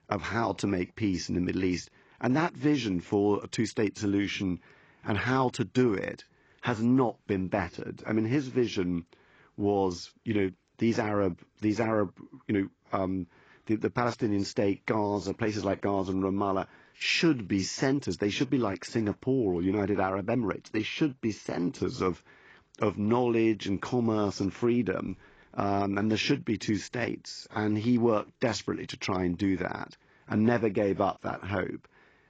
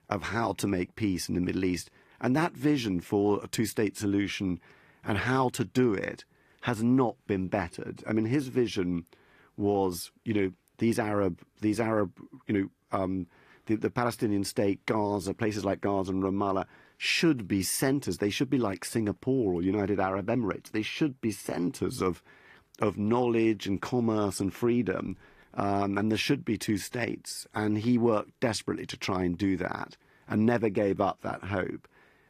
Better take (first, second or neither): second